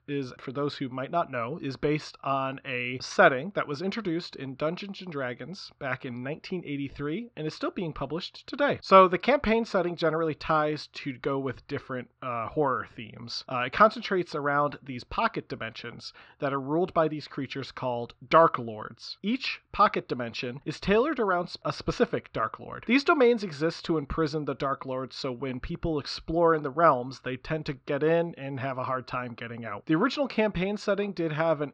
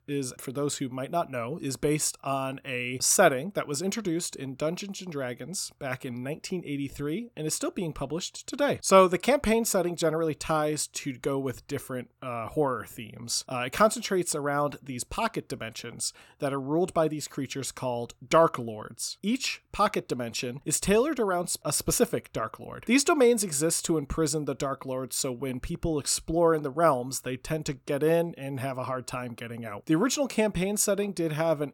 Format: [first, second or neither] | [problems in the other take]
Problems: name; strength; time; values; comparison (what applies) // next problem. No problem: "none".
second | muffled; slightly; fading above 4.5 kHz